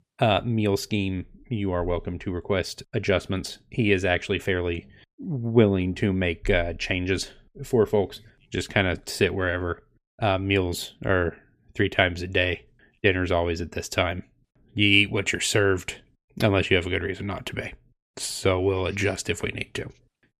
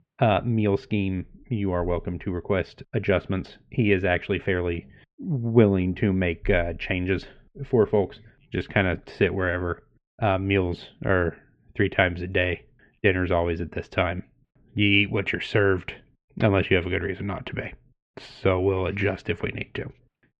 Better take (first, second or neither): first